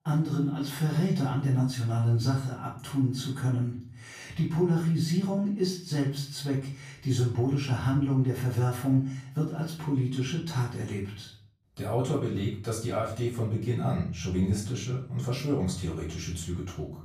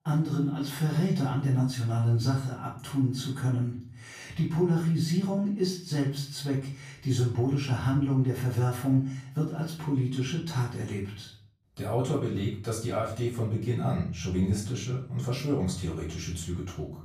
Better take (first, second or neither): neither